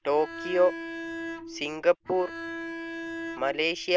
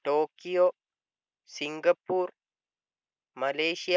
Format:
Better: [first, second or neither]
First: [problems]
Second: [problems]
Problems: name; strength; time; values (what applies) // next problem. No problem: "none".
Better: second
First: background sound (Bowed string instrument); 9 dB below the speech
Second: none